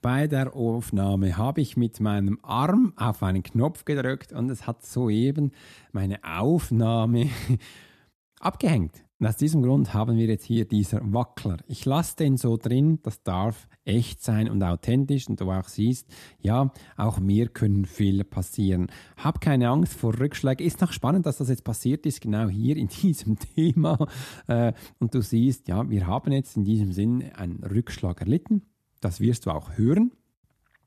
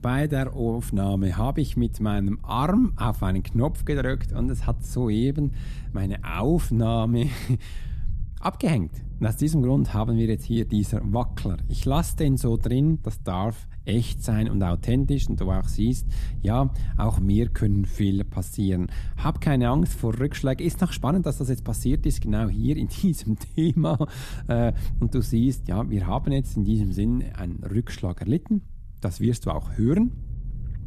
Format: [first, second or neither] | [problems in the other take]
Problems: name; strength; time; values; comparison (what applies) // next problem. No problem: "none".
first | low rumble; faint; throughout; 20 dB below the speech